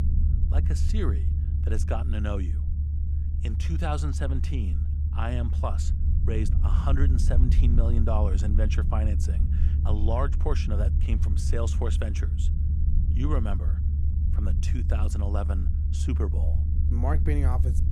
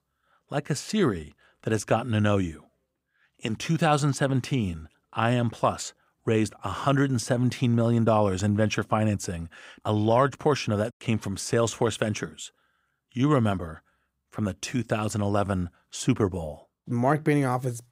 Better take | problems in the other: second | low rumble; loud; throughout; 6 dB below the speech

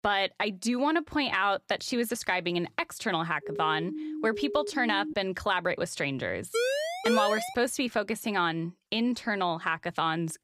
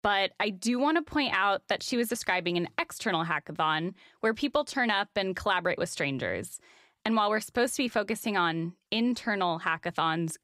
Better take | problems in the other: second | siren; noticeable; from 3.5 to 5 s; peak 7 dB below the speech // siren; loud; from 6.5 to 7.5 s; peak 1 dB above the speech

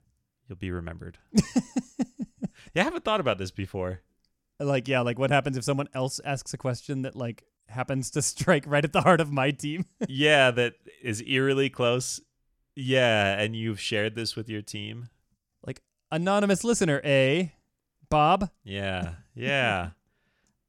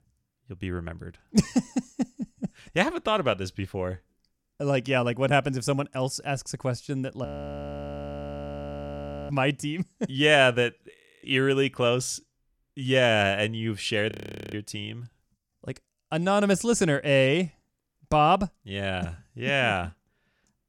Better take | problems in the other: first | audio freezing; at 7.5 s for 2 s, at 11 s and at 14 s

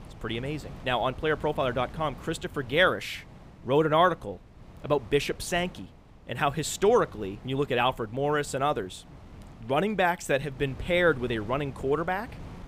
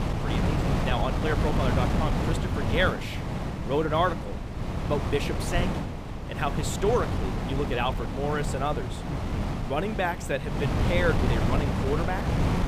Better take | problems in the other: first | wind noise on the microphone; heavy; 4 dB below the speech; occasional gusts in the first

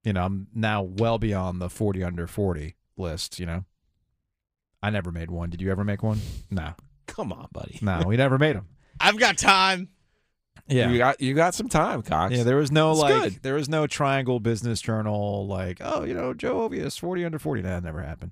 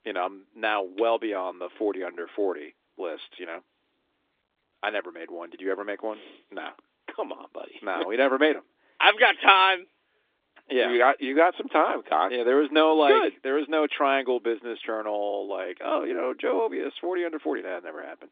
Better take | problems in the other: first | phone-call audio

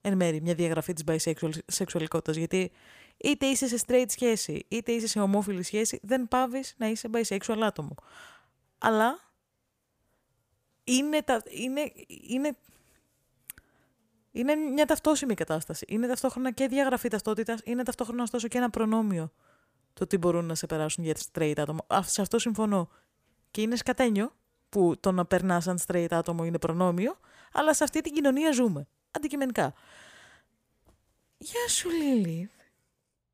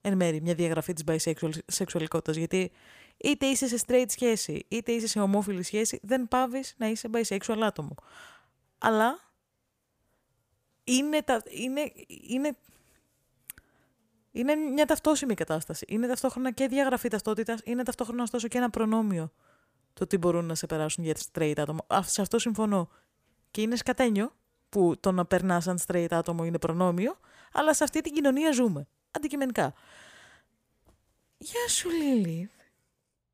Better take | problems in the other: neither | none

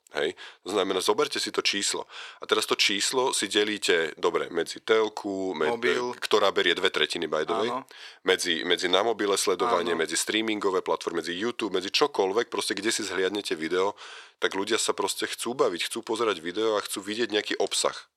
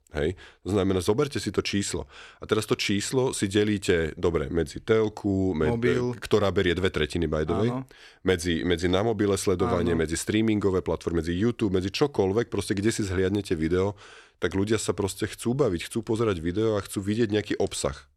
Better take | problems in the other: second | thin; somewhat; fading below 500 Hz

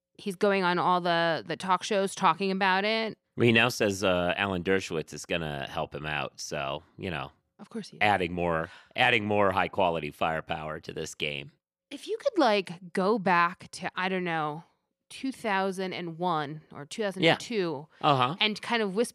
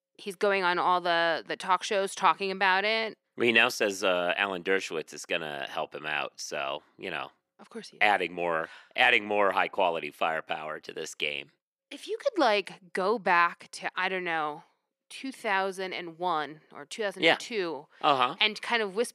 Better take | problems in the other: first | thin; somewhat; fading below 300 Hz

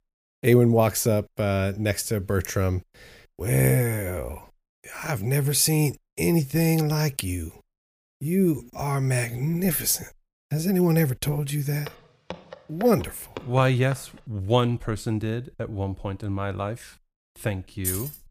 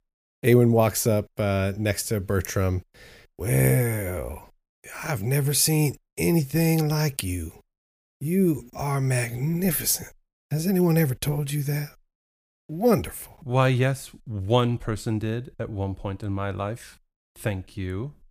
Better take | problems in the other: second | footsteps; faint; from 12 to 14 s; peak 15 dB below the speech // jangling keys; noticeable; at 18 s; peak 4 dB below the speech

